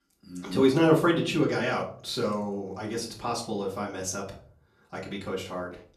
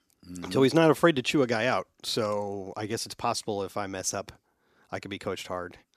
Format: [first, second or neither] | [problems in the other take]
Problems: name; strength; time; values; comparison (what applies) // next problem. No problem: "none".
second | off-mic speech; far // room echo; slight; dies away in 0.5 s